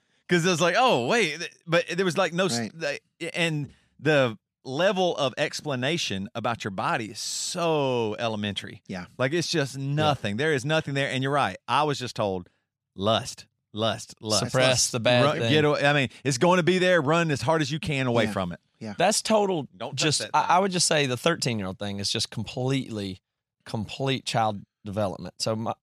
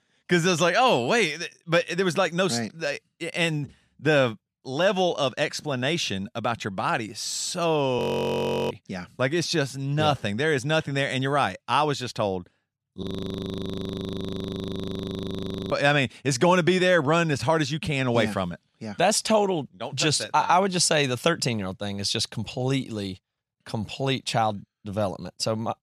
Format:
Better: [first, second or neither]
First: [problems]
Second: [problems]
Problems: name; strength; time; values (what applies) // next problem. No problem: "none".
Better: first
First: none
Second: audio freezing; at 8 s for 0.5 s and at 13 s for 2.5 s